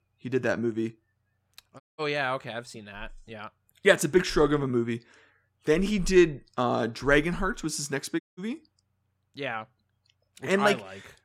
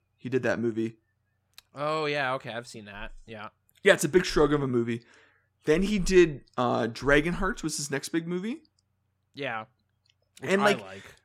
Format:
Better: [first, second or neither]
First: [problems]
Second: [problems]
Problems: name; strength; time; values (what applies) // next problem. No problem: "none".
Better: second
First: audio cutting out; at 2 s and at 8 s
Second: none